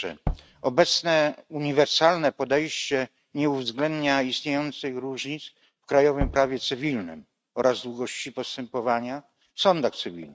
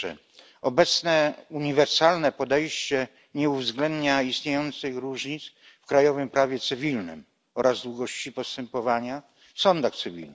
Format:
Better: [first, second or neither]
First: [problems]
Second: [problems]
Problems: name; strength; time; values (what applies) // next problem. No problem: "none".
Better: second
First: noise reduction (neural mask model RNNoise)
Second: none